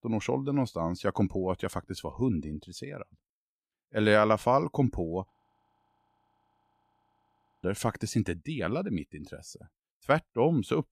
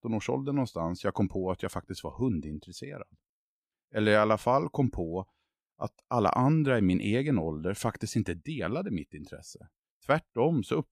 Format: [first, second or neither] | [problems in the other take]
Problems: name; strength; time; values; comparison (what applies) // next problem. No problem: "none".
second | audio freezing; at 5.5 s for 2.5 s